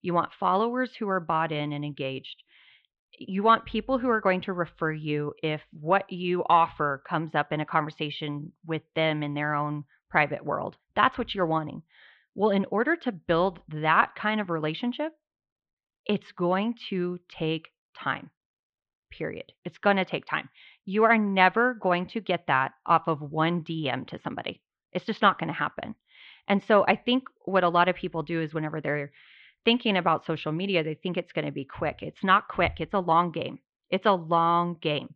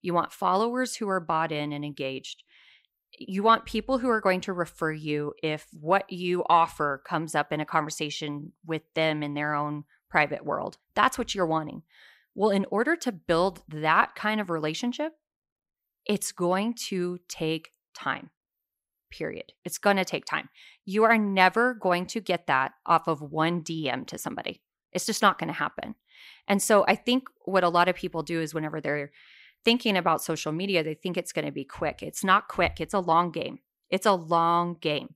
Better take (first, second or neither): second